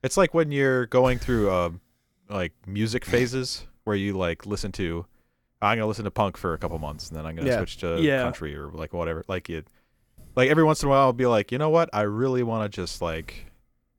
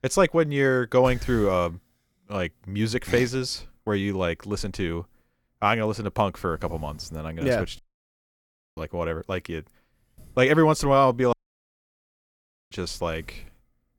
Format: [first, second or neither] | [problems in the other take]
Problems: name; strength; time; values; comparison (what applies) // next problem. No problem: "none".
first | audio cutting out; at 8 s for 1 s and at 11 s for 1.5 s